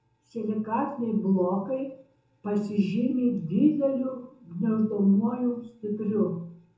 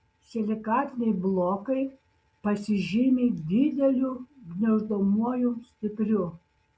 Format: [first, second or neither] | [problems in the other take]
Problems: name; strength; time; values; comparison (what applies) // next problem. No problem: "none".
second | room echo; dies away in 0.6 s